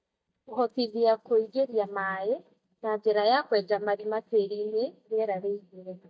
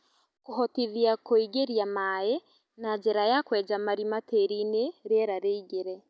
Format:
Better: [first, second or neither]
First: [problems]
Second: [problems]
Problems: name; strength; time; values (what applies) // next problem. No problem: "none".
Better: second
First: noise reduction (neural mask model DeepFilterNet 3)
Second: none